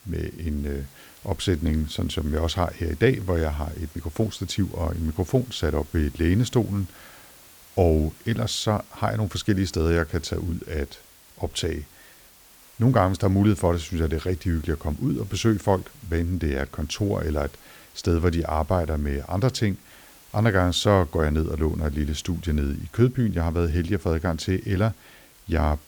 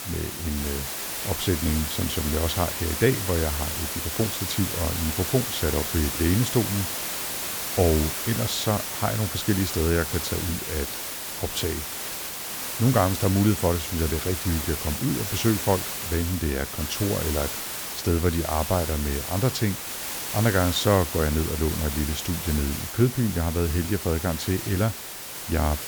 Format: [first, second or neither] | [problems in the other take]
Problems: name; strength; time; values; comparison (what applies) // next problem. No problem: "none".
first | hiss; loud; throughout; 3 dB below the speech; faint in the first